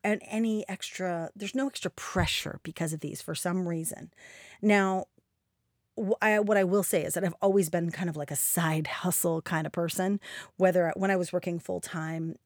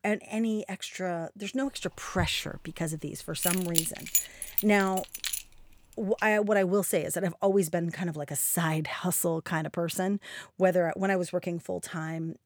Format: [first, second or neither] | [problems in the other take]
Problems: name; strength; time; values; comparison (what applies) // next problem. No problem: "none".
first | jangling keys; loud; from 3.5 to 5.5 s; peak 3 dB above the speech